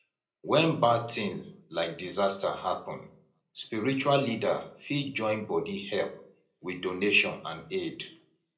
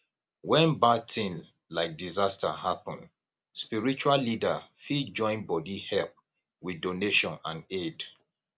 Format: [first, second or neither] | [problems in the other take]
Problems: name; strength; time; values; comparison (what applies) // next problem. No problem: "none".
second | room echo; dies away in 0.4 s